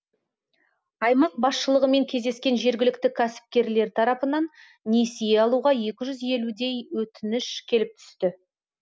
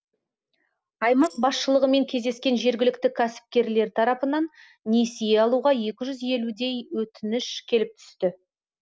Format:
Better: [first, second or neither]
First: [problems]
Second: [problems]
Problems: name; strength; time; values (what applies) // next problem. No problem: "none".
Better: first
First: none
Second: noise reduction (neural separator model SepFormer DNS4)